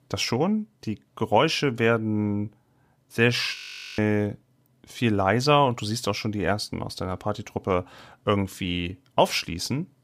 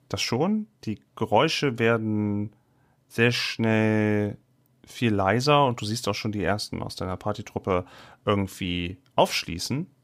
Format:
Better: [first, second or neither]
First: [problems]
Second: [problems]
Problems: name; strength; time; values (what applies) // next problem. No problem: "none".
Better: second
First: audio freezing; at 3.5 s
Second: none